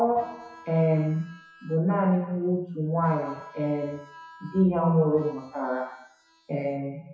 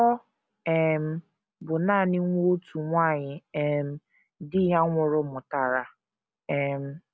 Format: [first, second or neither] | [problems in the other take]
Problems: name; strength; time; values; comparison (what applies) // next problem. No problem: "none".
second | noise reduction (classical method WPE with log-MMSE)